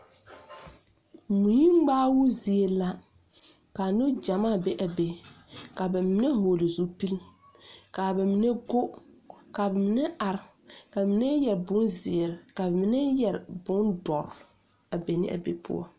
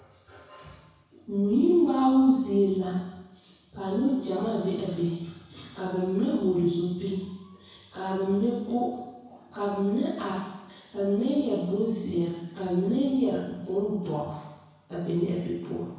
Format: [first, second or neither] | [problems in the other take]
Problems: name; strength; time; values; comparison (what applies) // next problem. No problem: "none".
first | room echo; dies away in 1 s